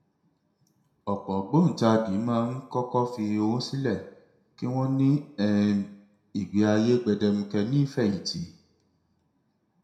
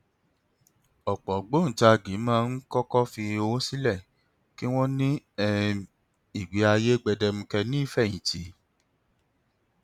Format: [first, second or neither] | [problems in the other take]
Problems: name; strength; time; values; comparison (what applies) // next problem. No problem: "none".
second | room echo; dies away in 0.6 s